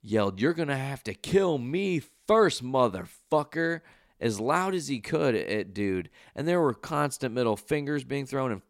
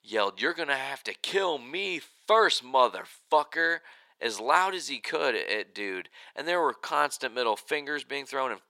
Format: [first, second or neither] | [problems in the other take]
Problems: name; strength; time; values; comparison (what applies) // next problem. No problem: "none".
first | thin; very; fading below 550 Hz